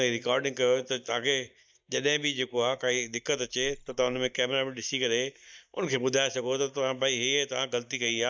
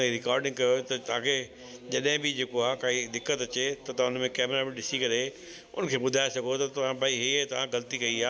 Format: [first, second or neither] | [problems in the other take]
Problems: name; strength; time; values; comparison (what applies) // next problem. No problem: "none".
second | noise reduction (neural mask model DeepFilterNet 3)